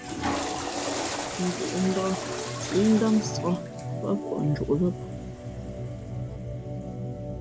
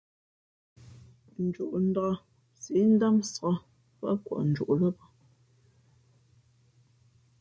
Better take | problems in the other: second | background sound (Organ + Toilet flush / Water); 3 dB below the speech

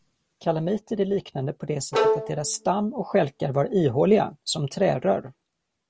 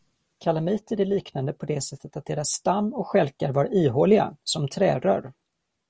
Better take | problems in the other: second | background sound (Bowed string instrument); 3 dB below the speech

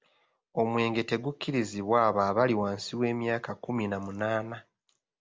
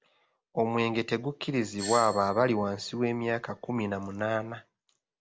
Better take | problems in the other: first | background sound (Doorbell); 14 dB below the speech

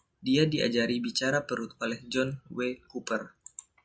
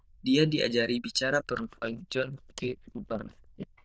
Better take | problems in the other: first | noise reduction (neural diffusion model UNIVERSE++)

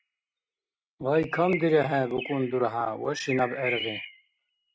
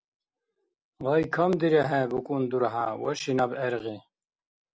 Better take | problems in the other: second | noise reduction (neural mask model RNNoise)

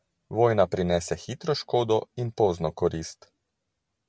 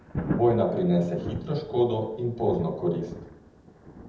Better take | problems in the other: first | background sound (Thunder); 9 dB below the speech // room echo; dies away in 0.8 s

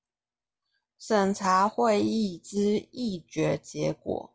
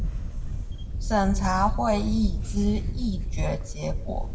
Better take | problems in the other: first | background sound (Camera); as loud as the speech // room echo; dies away in 0.8 s

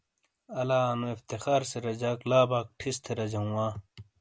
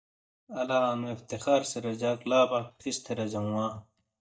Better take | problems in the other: first | noise reduction (neural mask model DeepFilterNet 3)

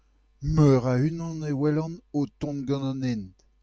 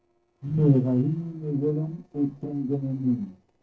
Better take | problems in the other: first | noise reduction (neural separator model SepFormer DNS4)

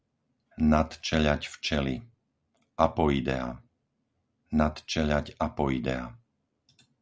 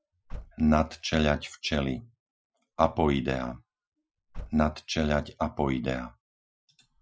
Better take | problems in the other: first | noise reduction (classical method Wiener filter)

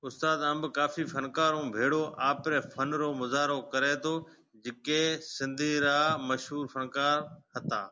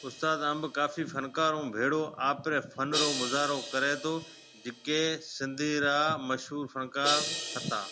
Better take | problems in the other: first | background sound (Crash cymbal); 8 dB below the speech

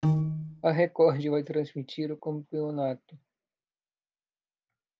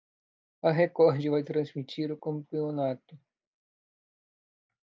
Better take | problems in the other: second | background sound (Piano); 2 dB above the speech

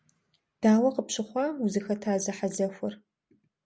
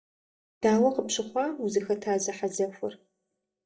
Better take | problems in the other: first | noise reduction (neural mask model DeepFilterNet 3)

